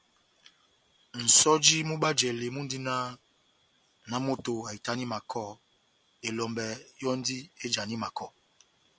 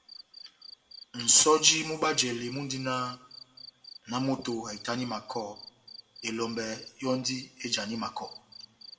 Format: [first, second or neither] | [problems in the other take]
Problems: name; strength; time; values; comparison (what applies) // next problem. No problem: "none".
first | background sound (Cricket); 19 dB below the speech // room echo; dies away in 0.7 s